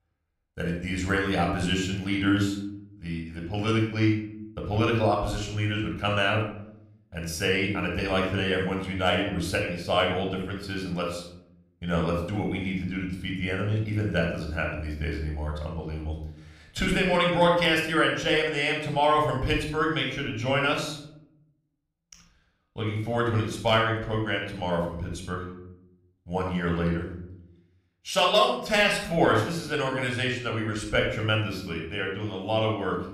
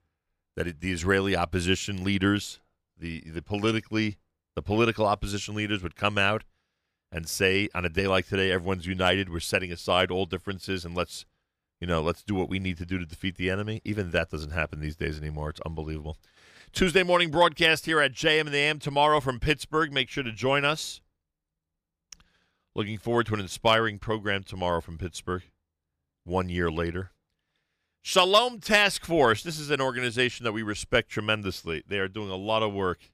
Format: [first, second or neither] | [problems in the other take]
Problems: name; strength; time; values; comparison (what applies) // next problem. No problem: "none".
second | off-mic speech; somewhat distant // room echo; noticeable; dies away in 0.6 s